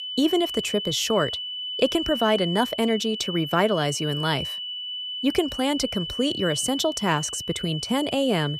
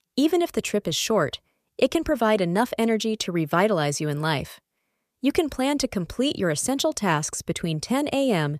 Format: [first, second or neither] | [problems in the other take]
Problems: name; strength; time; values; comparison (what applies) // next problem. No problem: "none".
second | high-pitched whine; loud; throughout; 3 kHz, 6 dB below the speech